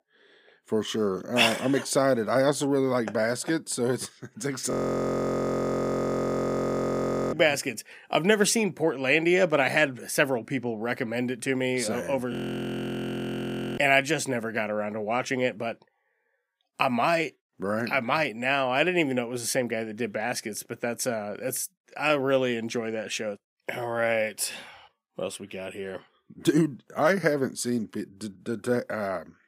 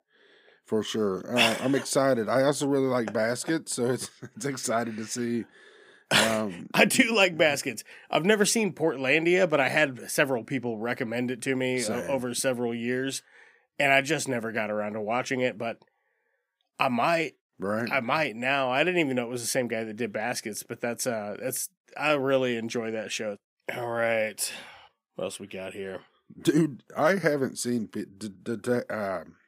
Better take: second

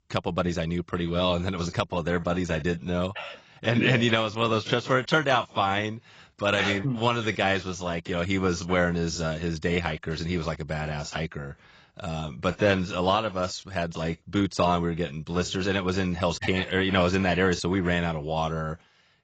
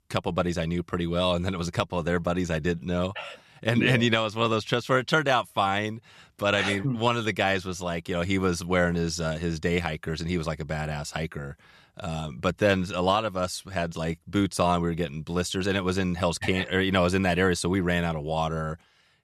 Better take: second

